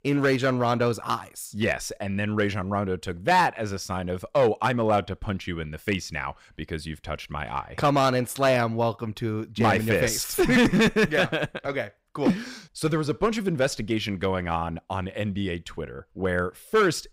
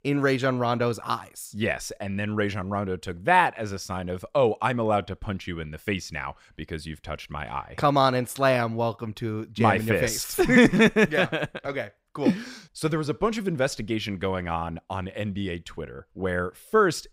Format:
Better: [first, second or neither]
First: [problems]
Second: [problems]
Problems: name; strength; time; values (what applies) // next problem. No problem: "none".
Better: second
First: distortion; slight; 3% of the sound clipped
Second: none